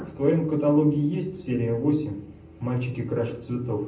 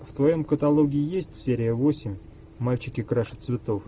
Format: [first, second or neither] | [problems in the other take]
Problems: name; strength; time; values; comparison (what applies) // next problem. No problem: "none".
second | room echo; dies away in 0.6 s